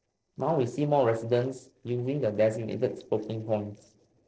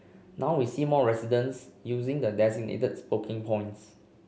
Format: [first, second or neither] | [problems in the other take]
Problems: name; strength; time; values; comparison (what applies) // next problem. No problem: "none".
second | noise reduction (neural separator model SepFormer DNS4)